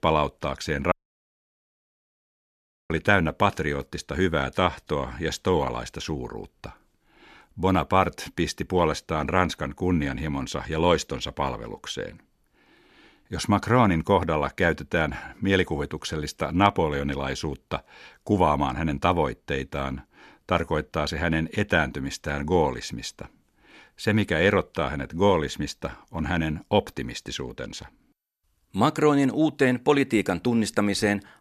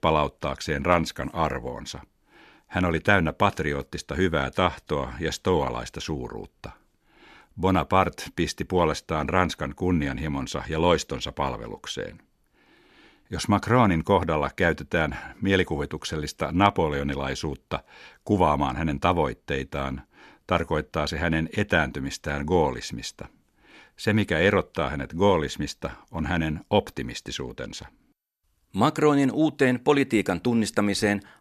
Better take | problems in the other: second | audio cutting out; at 1 s for 2 s

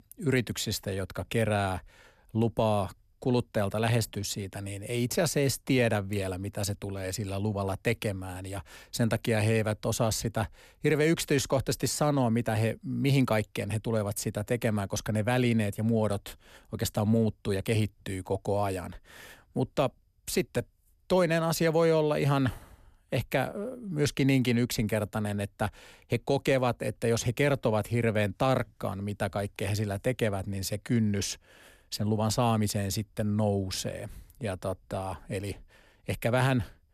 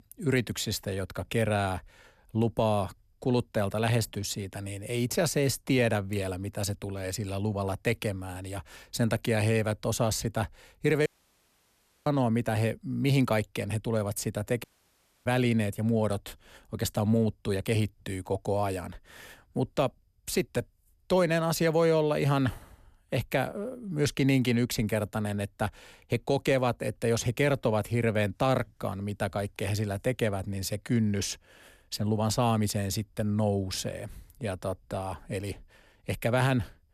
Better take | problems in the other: first | audio cutting out; at 11 s for 1 s and at 15 s for 0.5 s

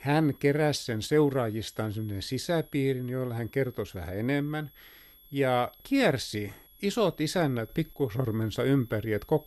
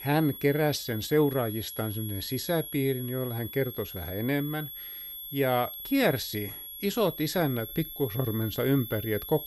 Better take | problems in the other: first | high-pitched whine; loud; throughout; 11.5 kHz, 9 dB below the speech; faint in the first

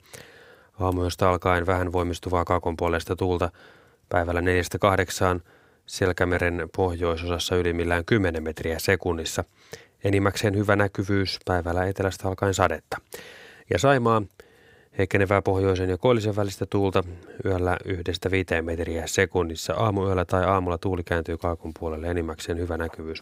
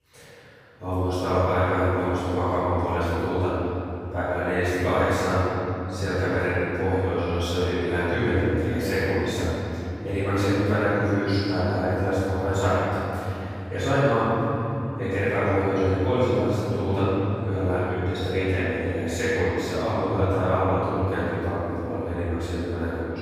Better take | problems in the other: first | off-mic speech; far // room echo; strong; dies away in 3 s

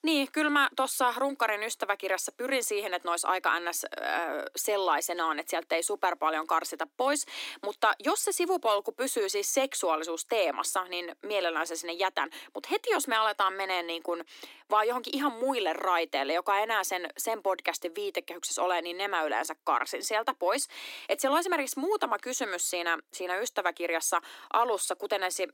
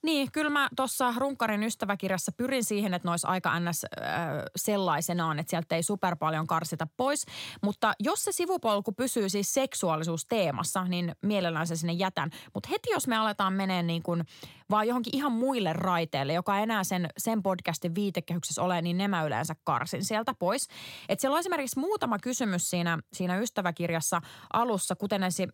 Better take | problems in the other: second | thin; somewhat; fading below 300 Hz

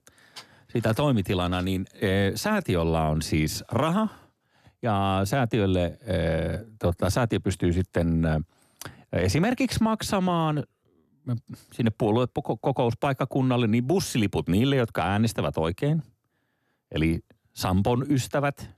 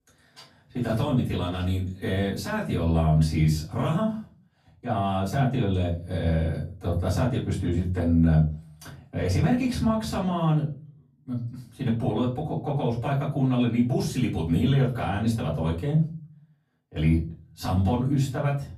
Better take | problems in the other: first | room echo; slight; dies away in 0.4 s // off-mic speech; far

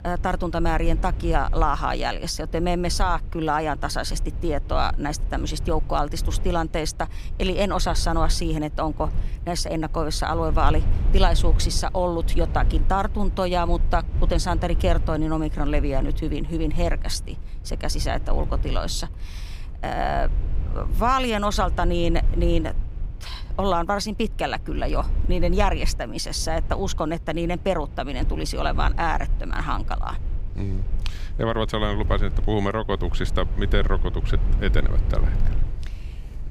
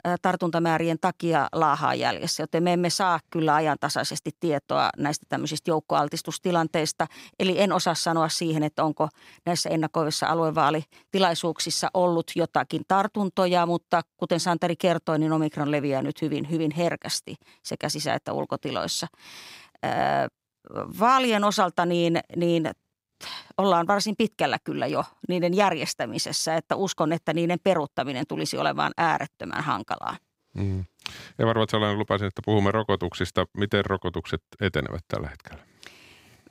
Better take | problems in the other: second | low rumble; noticeable; throughout; 20 dB below the speech

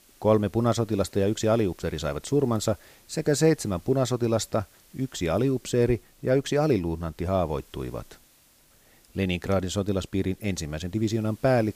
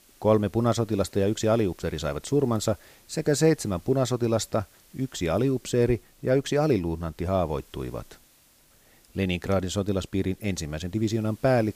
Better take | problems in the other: neither | hiss; faint; throughout; 30 dB below the speech; the same in both

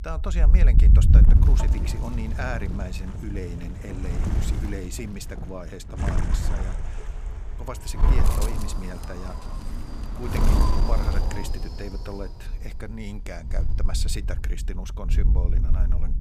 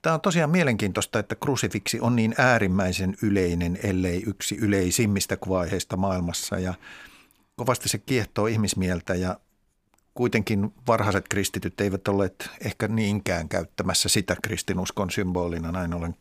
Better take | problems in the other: second | wind noise on the microphone; heavy; as loud as the speech

